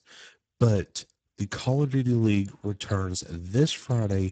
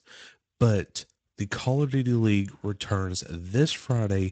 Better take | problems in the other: second | garbled, watery; badly; nothing above 8 kHz; slightly in the second

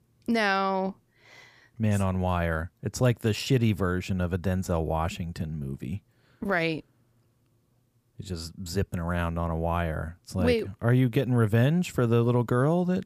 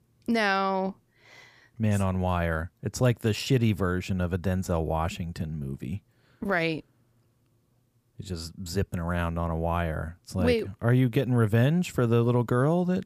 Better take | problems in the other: neither | none

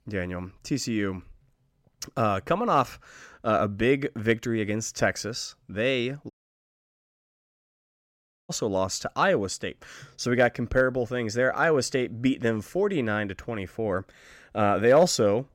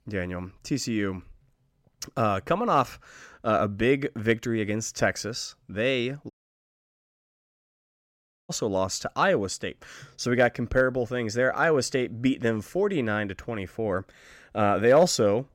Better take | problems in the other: neither | audio cutting out; at 6.5 s for 2 s; the same in both

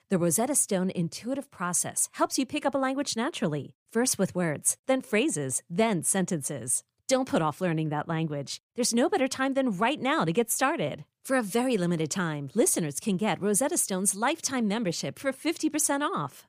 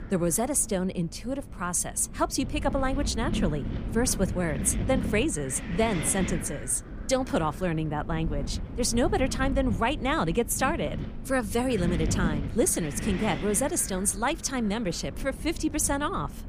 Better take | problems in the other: first | wind noise on the microphone; occasional gusts; 10 dB below the speech

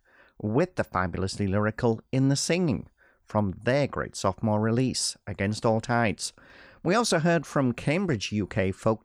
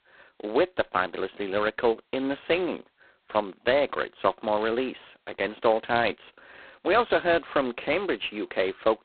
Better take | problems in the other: first | phone-call audio; poor line; nothing above 4 kHz

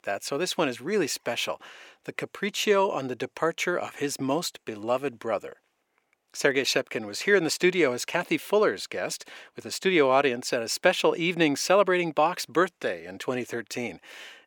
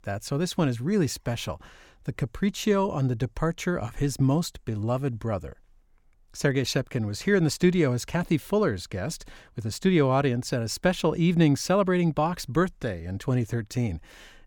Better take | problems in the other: second | thin; somewhat; fading below 450 Hz

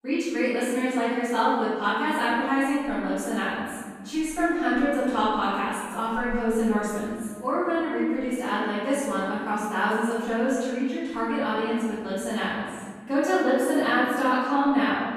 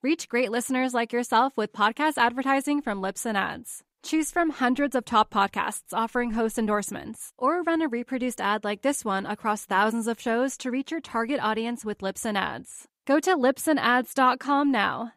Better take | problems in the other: second | off-mic speech; far // room echo; strong; dies away in 1.6 s

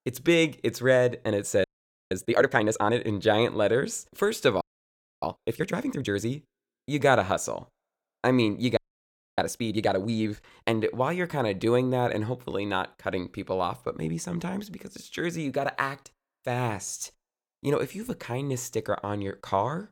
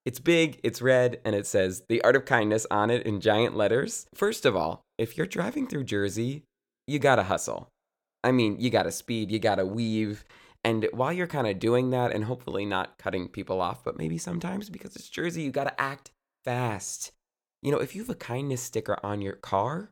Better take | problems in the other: second | audio freezing; at 1.5 s, at 4.5 s for 0.5 s and at 9 s for 0.5 s

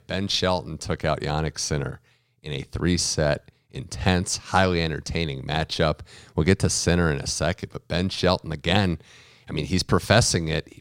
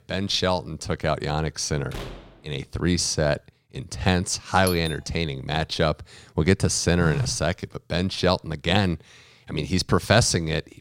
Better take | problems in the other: first | door banging; faint; at 2 s; peak 15 dB below the speech // doorbell; noticeable; at 4.5 s; peak 8 dB below the speech // phone ringing; noticeable; at 7 s; peak 5 dB below the speech

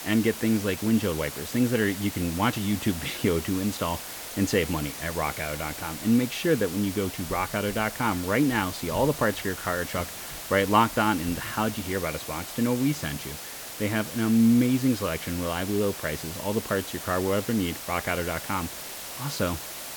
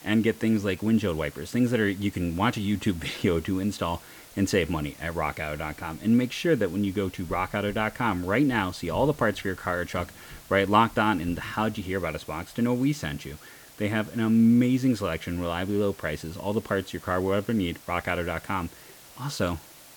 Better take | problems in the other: second | hiss; loud; throughout; 9 dB below the speech; faint in the second

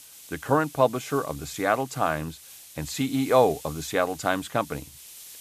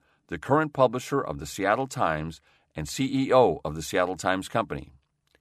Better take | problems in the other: second | hiss; noticeable; throughout; 15 dB below the speech

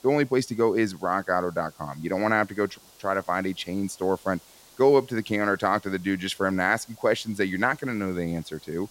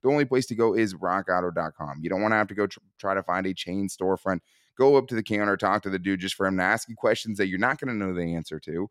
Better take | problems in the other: second | hiss; faint; throughout; 25 dB below the speech

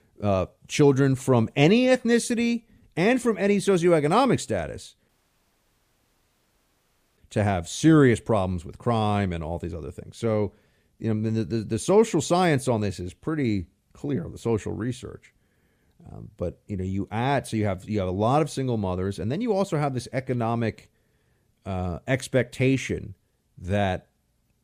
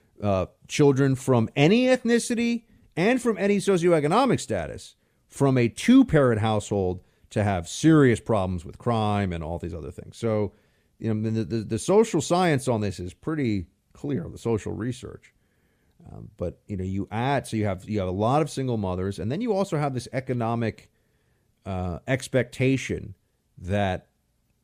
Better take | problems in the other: second | audio cutting out; at 5 s for 2 s

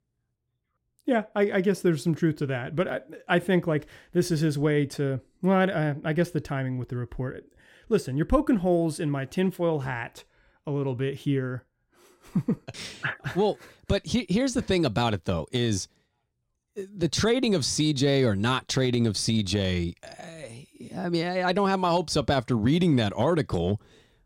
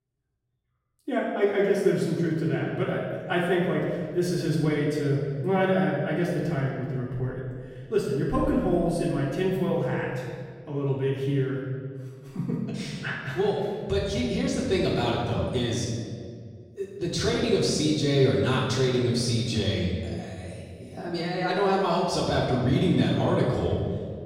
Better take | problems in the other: first | room echo; noticeable; dies away in 1.6 s // off-mic speech; far

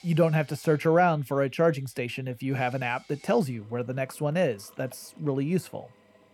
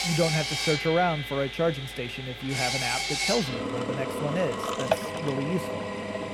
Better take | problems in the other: first | machinery noise; loud; throughout; as loud as the speech; faint in the first

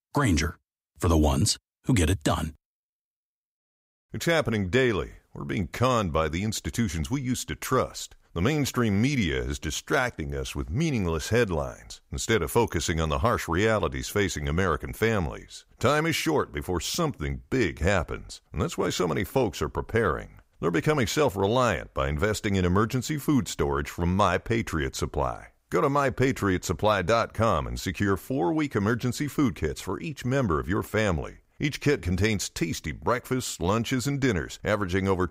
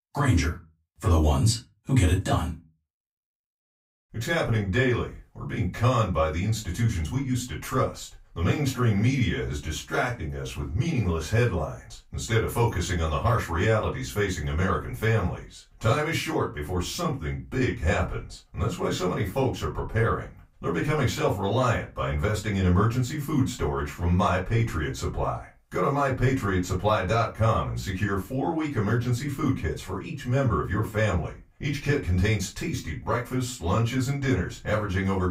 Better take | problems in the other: first | off-mic speech; far // room echo; very slight; dies away in 0.2 s

